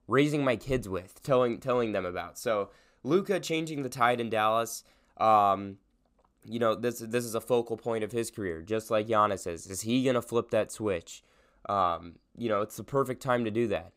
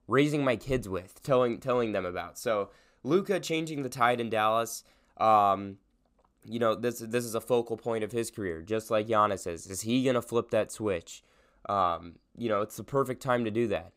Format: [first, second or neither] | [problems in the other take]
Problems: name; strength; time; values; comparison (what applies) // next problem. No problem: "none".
neither | none